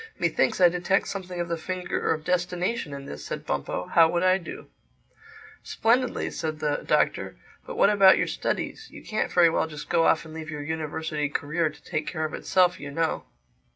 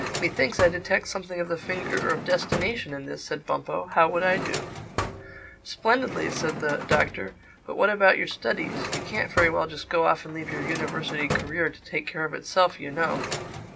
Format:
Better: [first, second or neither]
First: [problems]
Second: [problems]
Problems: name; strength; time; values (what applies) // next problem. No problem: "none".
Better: first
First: none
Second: background sound (Drawer open or close); 8 dB below the speech